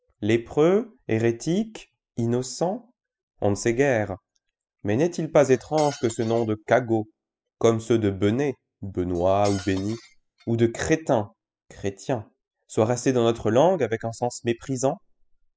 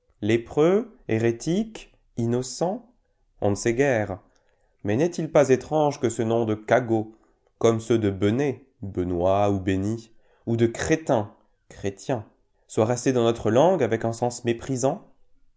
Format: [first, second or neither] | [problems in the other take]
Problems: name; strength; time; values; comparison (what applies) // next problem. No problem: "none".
second | noise reduction (classical method spectral subtraction)